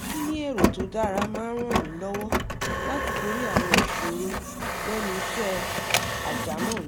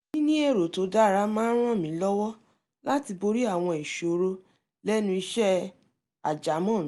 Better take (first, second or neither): second